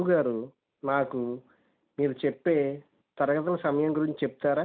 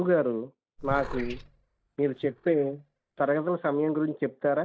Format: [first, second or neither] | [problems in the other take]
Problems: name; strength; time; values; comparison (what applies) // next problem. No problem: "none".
first | noise reduction (neural mask model DeepFilterNet 3)